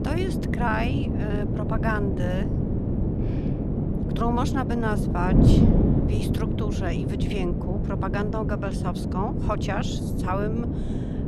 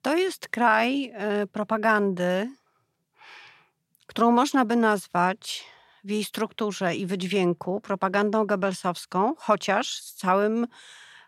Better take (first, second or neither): second